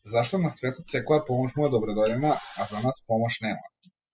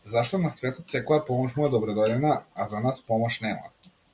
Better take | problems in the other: second | noise reduction (classical method spectral subtraction)

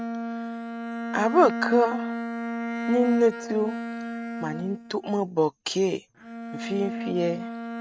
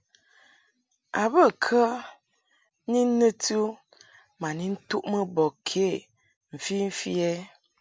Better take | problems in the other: second | noise reduction (neural mask model RNNoise)

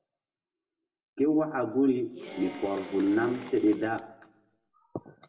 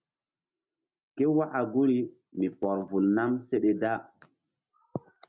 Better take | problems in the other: second | background sound (Applause / Cheering); 16 dB below the speech // room echo; dies away in 0.7 s

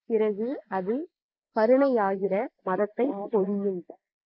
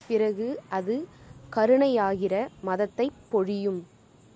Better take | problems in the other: second | noise reduction (neural mask model Resemble Enhance denoiser)

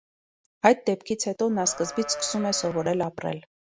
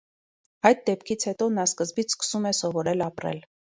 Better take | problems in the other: second | background sound (Livestock, farm animals, working animals); 12 dB below the speech

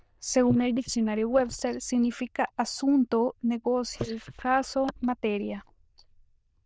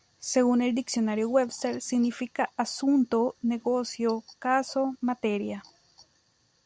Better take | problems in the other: second | noise reduction (neural diffusion model UNIVERSE++)

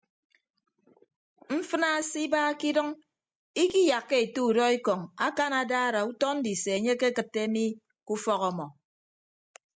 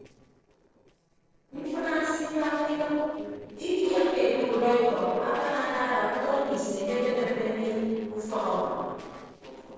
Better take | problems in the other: first | noise reduction (neural separator model SepFormer DNS4)

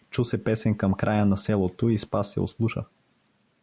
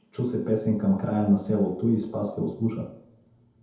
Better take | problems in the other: first | room echo; dies away in 0.8 s

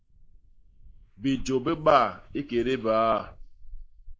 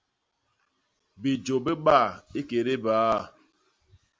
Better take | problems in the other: second | noise reduction (neural mask model Resemble Enhance denoiser)

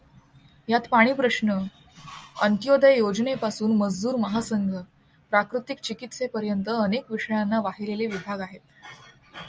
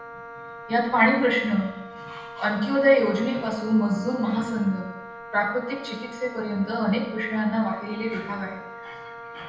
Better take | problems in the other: first | background sound (Wind instrument, woodwind instrument); 15 dB below the speech // room echo; dies away in 0.9 s

